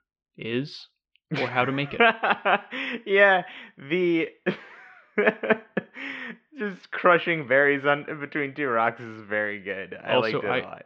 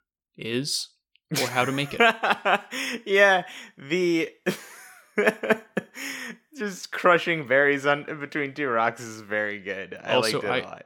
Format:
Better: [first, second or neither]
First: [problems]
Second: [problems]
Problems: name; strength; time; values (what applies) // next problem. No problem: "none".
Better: second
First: muffled; slightly; fading above 3 kHz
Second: none